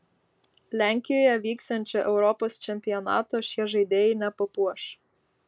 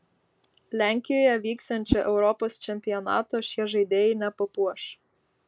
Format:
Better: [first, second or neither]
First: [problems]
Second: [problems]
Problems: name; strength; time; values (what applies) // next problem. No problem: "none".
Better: first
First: none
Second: background sound (Whoosh, swoosh, swish); 8 dB below the speech